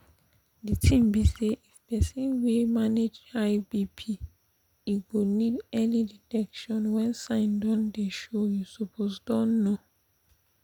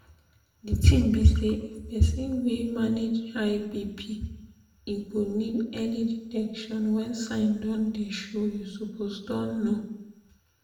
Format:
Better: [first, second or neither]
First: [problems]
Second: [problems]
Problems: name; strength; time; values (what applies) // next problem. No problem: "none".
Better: first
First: none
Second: room echo; dies away in 0.8 s